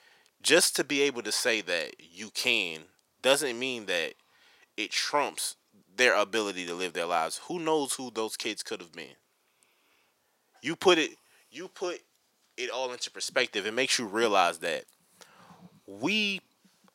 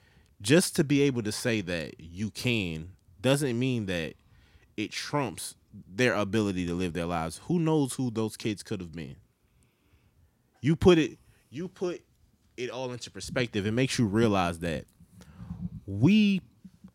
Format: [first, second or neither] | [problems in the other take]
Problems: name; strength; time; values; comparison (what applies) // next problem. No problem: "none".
second | thin; very; fading below 600 Hz